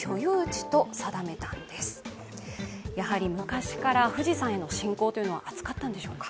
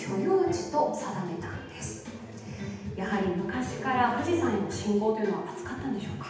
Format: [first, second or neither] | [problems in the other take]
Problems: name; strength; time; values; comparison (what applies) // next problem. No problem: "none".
first | room echo; dies away in 0.8 s